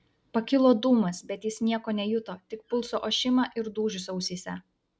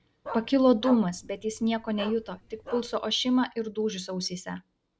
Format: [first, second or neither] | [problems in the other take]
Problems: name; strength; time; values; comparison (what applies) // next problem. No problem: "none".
first | background sound (Bark); 14 dB below the speech